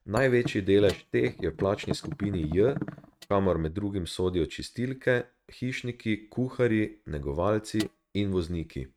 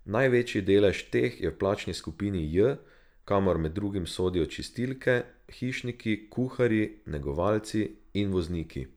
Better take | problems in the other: second | noise reduction (neural mask model RNNoise)

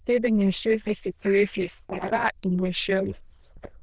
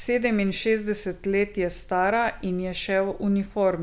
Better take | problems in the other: second | noise reduction (neural diffusion model UNIVERSE++)

